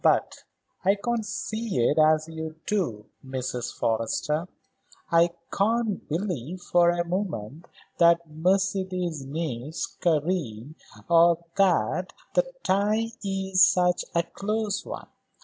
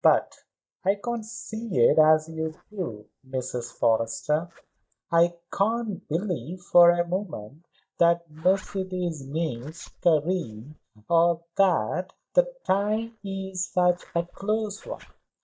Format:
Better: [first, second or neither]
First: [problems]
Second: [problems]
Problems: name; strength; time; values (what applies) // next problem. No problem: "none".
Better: first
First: none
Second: noise reduction (neural mask model DeepFilterNet 3)